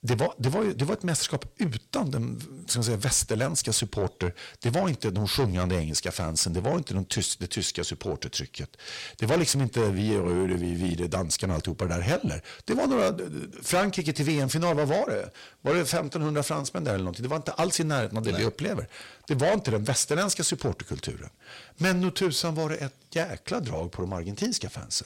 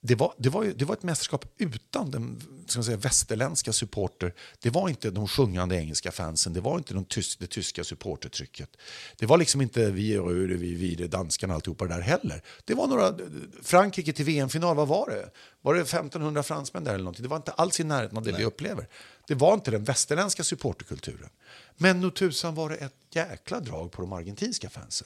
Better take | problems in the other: second | distortion; heavy; 7 dB below the speech

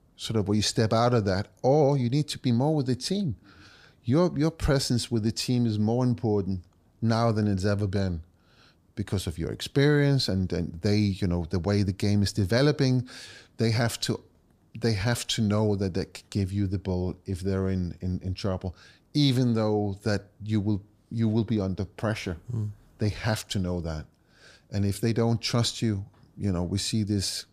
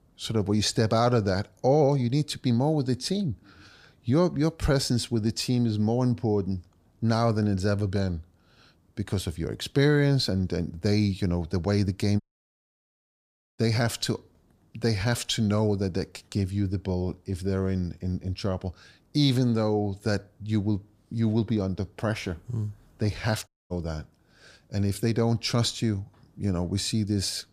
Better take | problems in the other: first | audio cutting out; at 12 s for 1.5 s and at 23 s

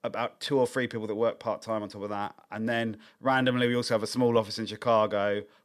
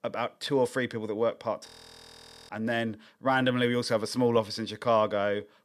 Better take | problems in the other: first | audio freezing; at 1.5 s for 1 s

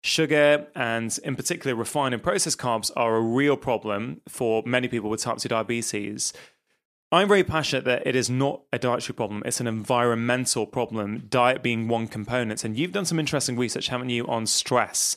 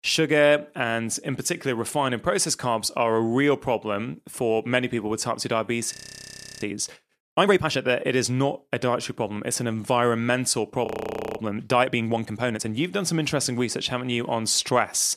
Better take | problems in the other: first | audio freezing; at 6 s for 0.5 s and at 11 s for 0.5 s

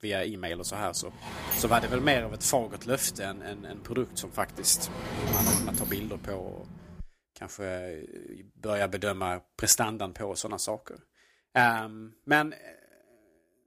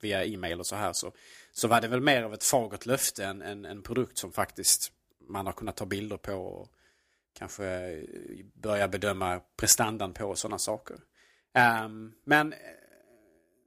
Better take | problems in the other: second | door banging; loud; from 0.5 to 7 s; peak 5 dB above the speech

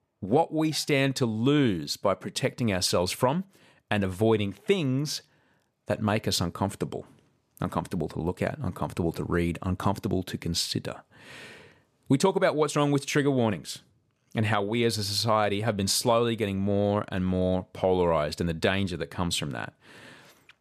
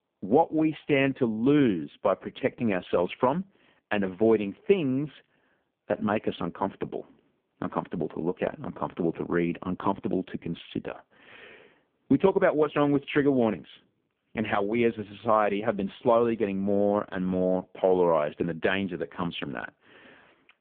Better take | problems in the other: first | phone-call audio; poor line

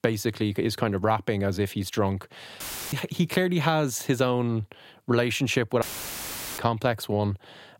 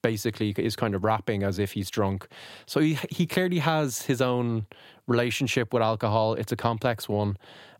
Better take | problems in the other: second | audio cutting out; filled with static; at 2.5 s and at 6 s for 1 s

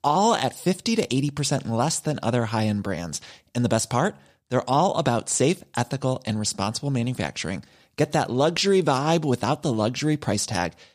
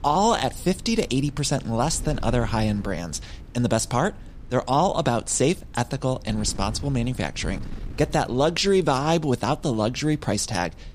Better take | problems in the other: first | wind noise on the microphone; occasional gusts; 25 dB below the speech

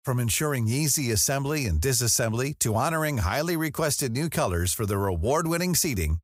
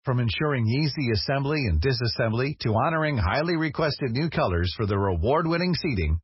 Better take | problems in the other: first | garbled, watery; badly; nothing above 5.5 kHz

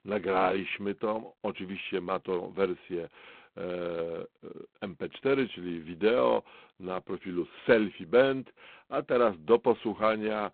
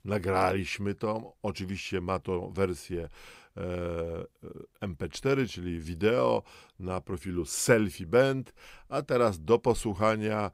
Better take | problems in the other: second | phone-call audio; poor line; nothing above 4 kHz

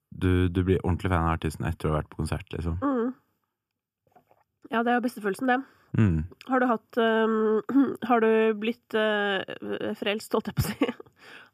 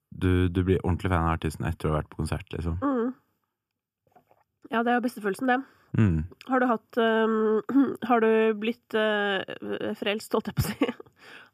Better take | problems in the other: neither | none

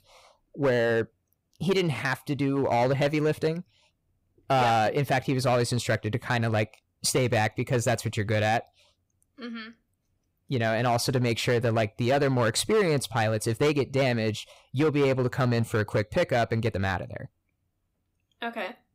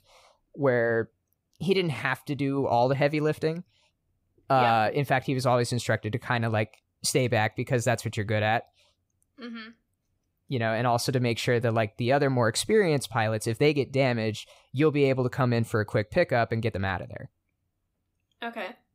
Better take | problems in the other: second | distortion; slight; 7% of the sound clipped

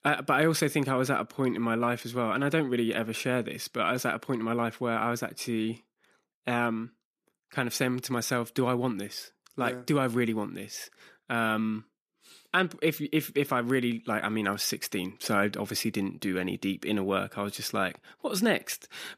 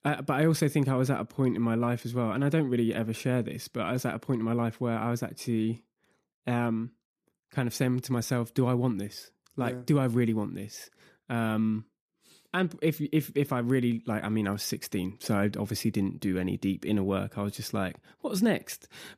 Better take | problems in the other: second | thin; very slightly; fading below 750 Hz

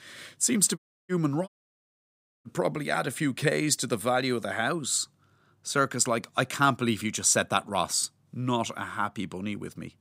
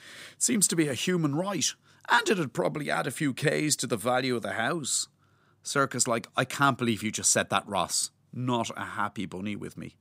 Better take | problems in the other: second | audio cutting out; at 1 s and at 1.5 s for 1 s

